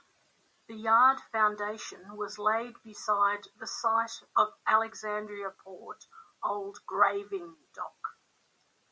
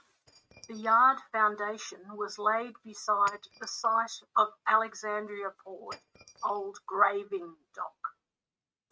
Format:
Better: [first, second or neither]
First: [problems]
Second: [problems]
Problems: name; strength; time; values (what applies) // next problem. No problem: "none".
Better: first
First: none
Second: noise reduction (neural mask model RNNoise)